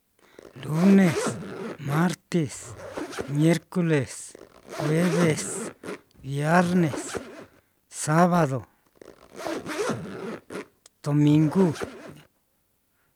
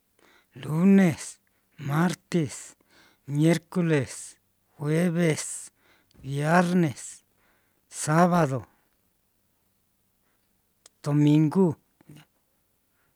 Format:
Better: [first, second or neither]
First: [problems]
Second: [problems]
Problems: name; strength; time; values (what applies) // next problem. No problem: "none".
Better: second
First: background sound (Zipper (clothing)); 10 dB below the speech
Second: none